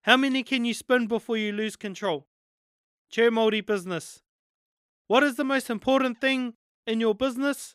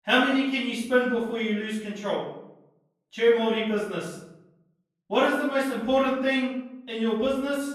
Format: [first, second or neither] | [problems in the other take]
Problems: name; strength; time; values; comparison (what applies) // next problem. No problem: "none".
first | off-mic speech; far // room echo; noticeable; dies away in 0.7 s